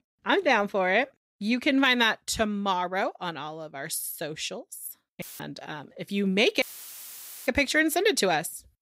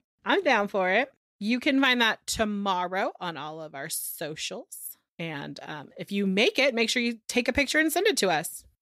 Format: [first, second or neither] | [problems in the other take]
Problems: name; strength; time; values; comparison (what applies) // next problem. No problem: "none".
second | audio cutting out; filled with static; at 5 s and at 6.5 s for 1 s